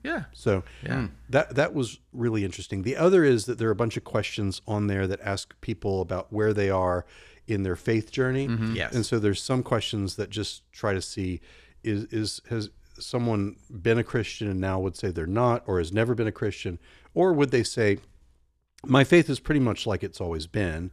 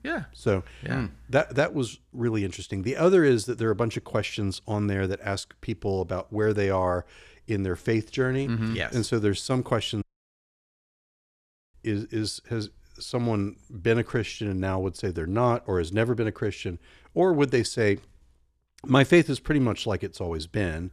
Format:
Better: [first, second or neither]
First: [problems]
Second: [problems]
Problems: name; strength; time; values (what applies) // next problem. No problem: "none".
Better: first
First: none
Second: audio cutting out; at 10 s for 1.5 s